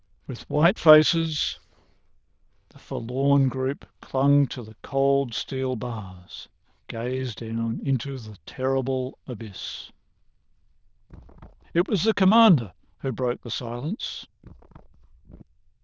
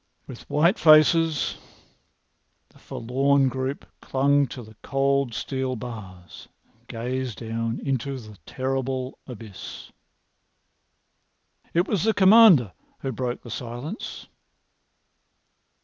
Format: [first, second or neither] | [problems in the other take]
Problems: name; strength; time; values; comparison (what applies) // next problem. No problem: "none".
second | noise reduction (neural diffusion model UNIVERSE++)